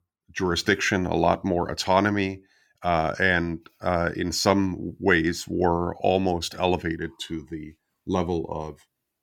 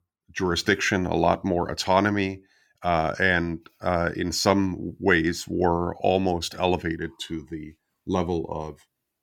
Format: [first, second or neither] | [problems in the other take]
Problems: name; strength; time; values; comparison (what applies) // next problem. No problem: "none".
neither | none